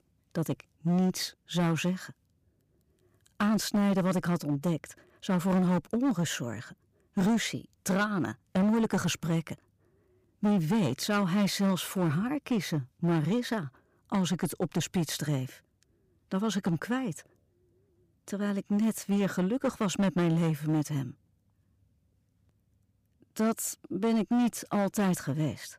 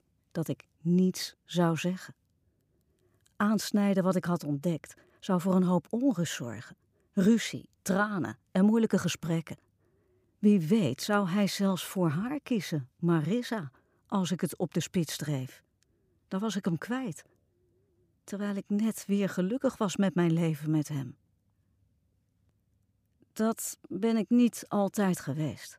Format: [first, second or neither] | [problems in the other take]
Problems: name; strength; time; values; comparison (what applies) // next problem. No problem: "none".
second | distortion; slight; 9% of the sound clipped